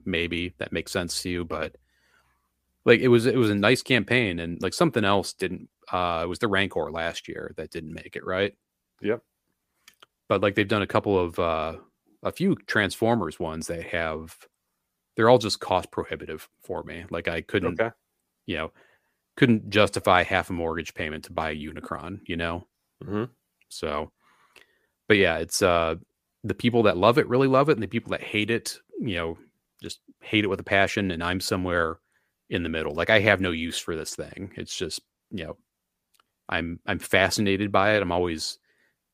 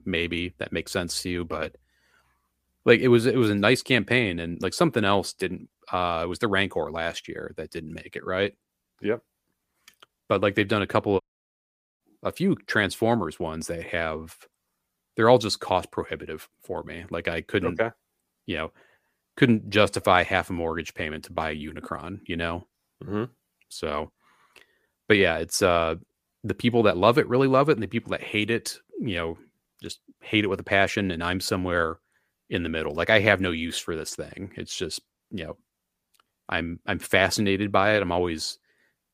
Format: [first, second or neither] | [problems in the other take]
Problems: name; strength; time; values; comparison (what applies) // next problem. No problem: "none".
first | audio cutting out; at 11 s for 1 s